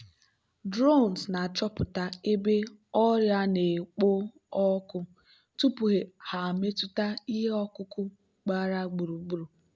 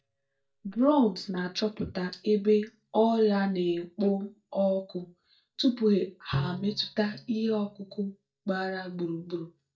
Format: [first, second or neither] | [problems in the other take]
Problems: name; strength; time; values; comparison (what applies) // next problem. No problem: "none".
first | noise reduction (neural mask model DeepFilterNet 3)